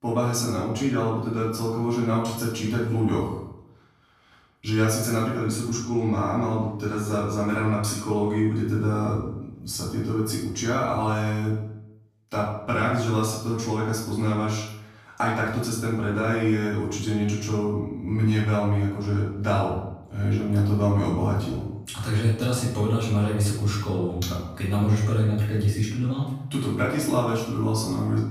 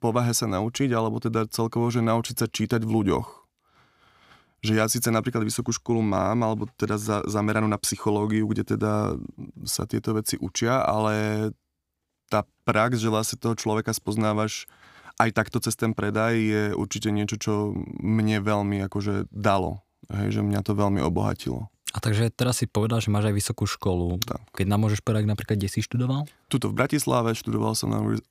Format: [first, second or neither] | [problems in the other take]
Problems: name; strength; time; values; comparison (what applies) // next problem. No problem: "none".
second | off-mic speech; far // room echo; noticeable; dies away in 0.7 s